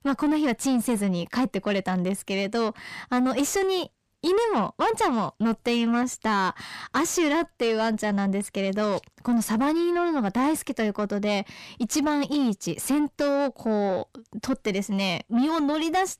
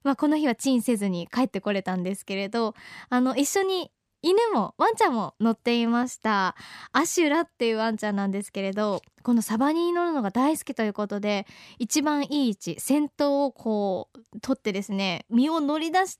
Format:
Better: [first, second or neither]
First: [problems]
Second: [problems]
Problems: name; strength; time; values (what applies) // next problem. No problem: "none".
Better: second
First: distortion; slight; 9 dB below the speech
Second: none